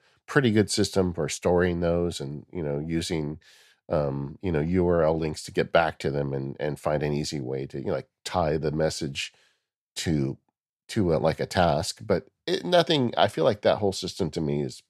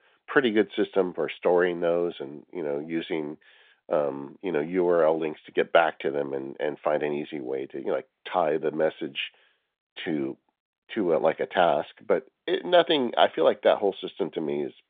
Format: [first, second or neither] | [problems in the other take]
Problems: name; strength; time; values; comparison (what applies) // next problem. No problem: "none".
first | phone-call audio